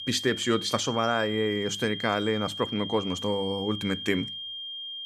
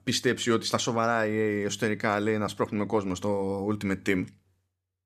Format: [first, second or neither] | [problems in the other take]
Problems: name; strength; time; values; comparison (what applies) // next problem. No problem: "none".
second | high-pitched whine; loud; throughout; 3 kHz, 7 dB below the speech